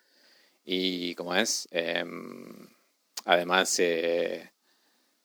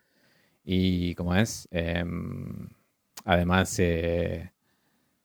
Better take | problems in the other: second | thin; somewhat; fading below 300 Hz

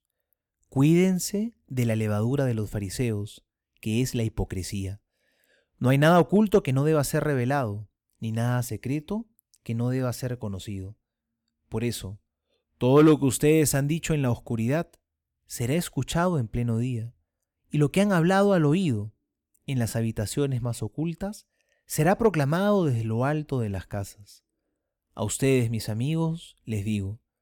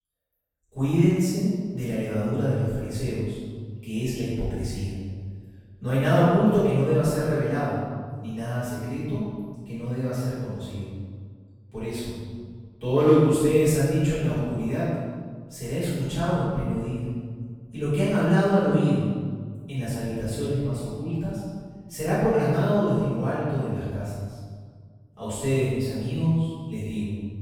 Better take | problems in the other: first | room echo; strong; dies away in 1.5 s // off-mic speech; far

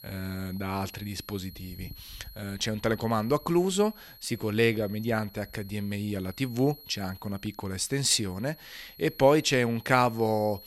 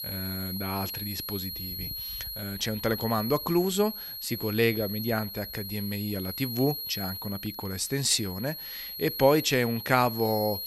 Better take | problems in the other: first | high-pitched whine; loud; throughout; 11.5 kHz, 6 dB below the speech; faint in the first

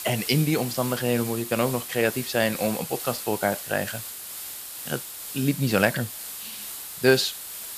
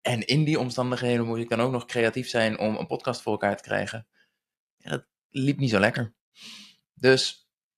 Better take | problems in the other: second | hiss; loud; throughout; 8 dB below the speech

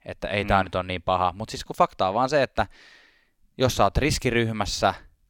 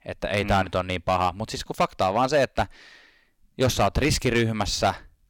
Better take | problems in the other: first | distortion; slight; 4% of the sound clipped

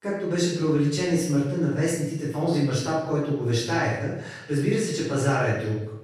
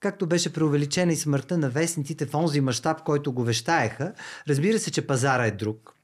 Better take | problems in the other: second | off-mic speech; far // room echo; noticeable; dies away in 0.7 s

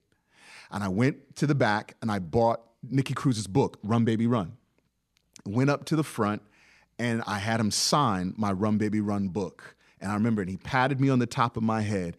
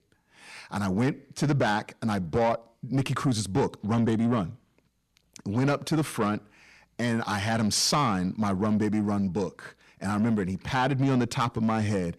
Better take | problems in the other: first | distortion; slight; 10 dB below the speech

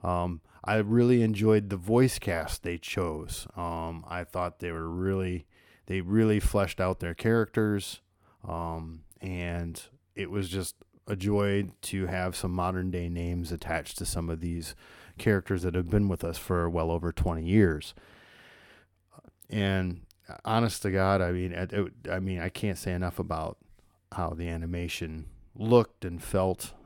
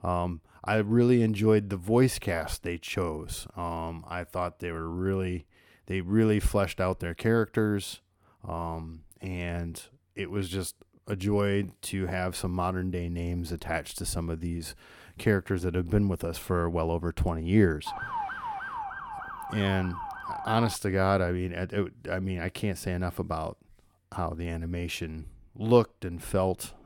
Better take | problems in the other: first | siren; noticeable; from 18 to 21 s; peak 4 dB below the speech

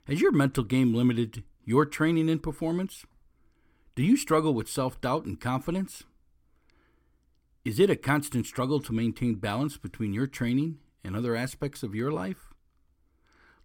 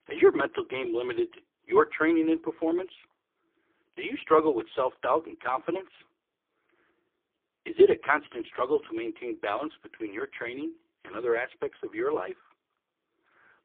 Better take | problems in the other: first | phone-call audio; poor line

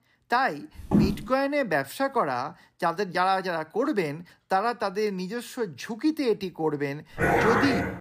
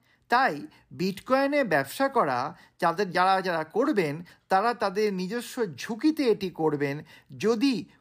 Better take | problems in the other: second | footsteps; loud; at 1 s; peak 4 dB above the speech // dog barking; loud; at 7 s; peak 5 dB above the speech

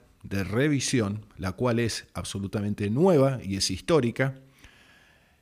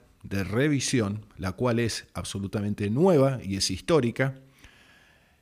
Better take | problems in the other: neither | none

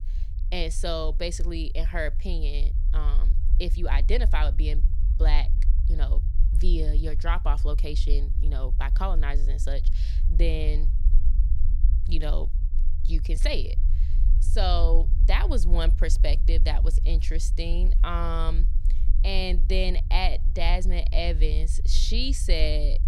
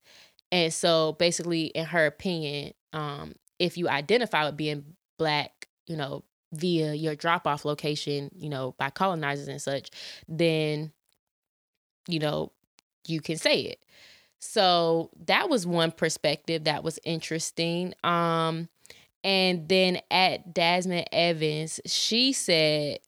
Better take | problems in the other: second | low rumble; noticeable; throughout; 15 dB below the speech

